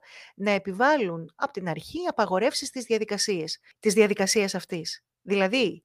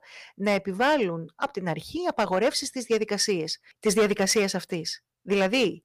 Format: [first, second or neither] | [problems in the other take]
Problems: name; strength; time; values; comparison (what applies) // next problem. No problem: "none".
first | distortion; slight; 3% of the sound clipped